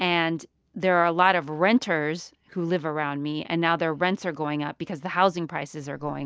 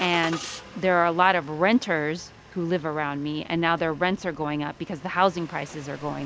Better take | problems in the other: first | background sound (Engine starting); 17 dB below the speech

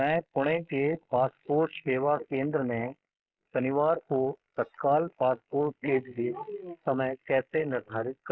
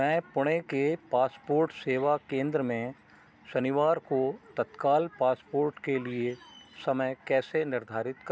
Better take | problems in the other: second | noise reduction (neural mask model Resemble Enhance denoiser)

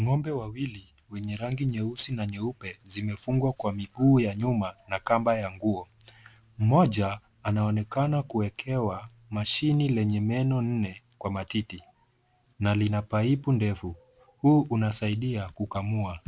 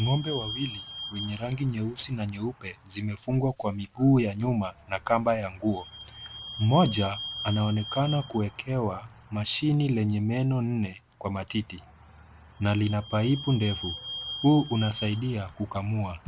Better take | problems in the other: first | background sound (Squeak / Vehicle); 14 dB below the speech

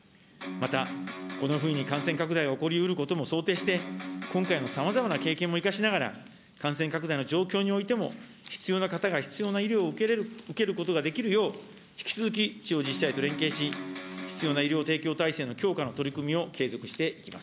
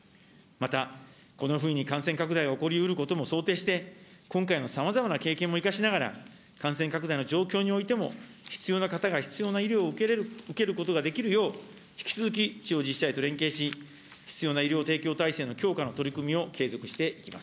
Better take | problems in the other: second | background sound (Electric guitar); 8 dB below the speech

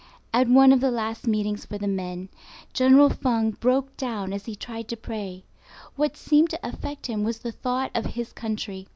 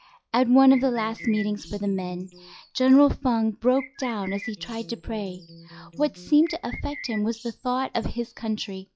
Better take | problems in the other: first | noise reduction (classical method log-MMSE)

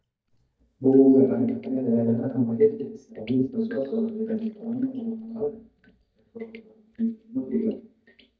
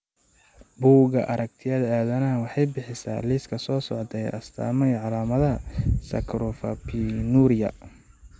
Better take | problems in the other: second | noise reduction (neural mask model DeepFilterNet 3)

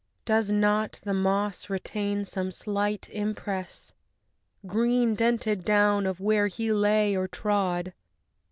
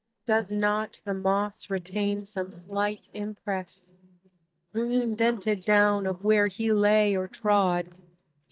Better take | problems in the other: first | noise reduction (neural mask model DeepFilterNet 3)

